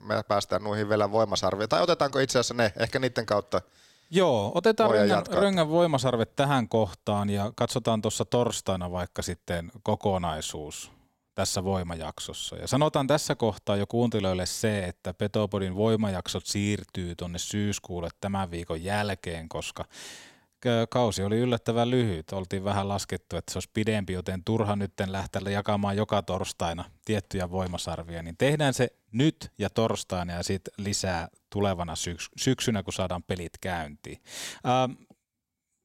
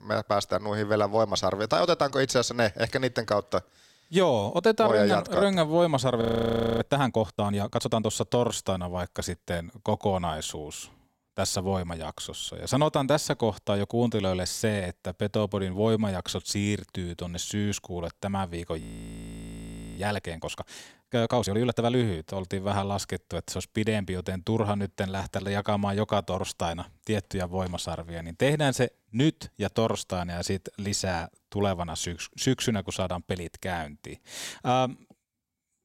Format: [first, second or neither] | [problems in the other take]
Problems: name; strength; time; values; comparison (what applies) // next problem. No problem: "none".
first | audio freezing; at 6 s for 0.5 s and at 19 s for 1 s